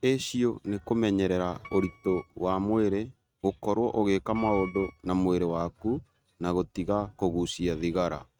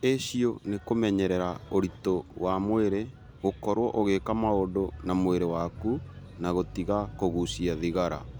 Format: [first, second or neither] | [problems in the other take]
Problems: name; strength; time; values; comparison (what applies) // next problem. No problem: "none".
second | noise reduction (neural mask model RNNoise)